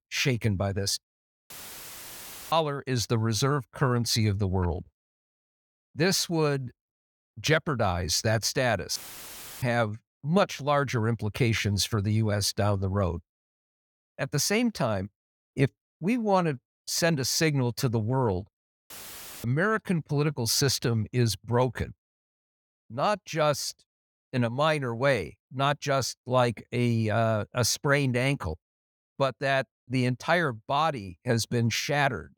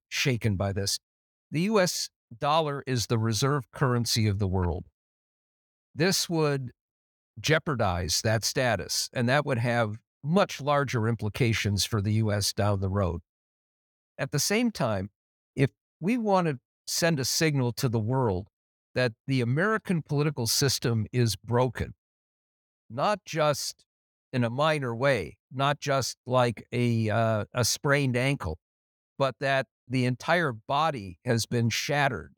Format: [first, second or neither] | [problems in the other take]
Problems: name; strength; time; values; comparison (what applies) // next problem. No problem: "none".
second | audio cutting out; filled with static; at 1.5 s for 1 s, at 9 s for 0.5 s and at 19 s for 0.5 s